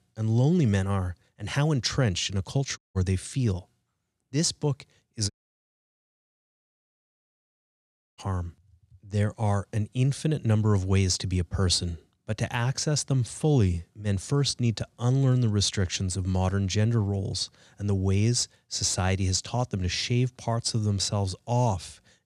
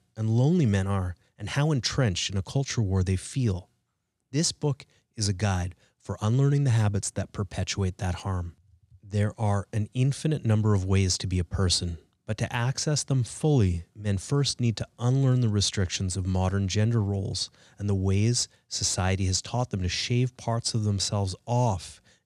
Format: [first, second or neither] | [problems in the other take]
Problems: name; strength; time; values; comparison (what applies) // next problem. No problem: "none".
second | audio cutting out; at 3 s and at 5.5 s for 3 s